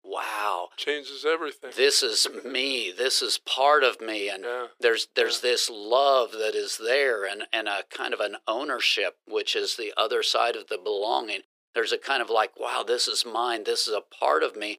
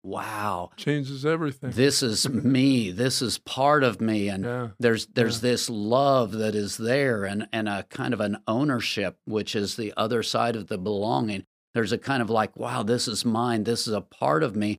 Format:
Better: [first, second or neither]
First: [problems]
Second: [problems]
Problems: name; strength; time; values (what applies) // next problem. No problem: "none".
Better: second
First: thin; very; fading below 400 Hz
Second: none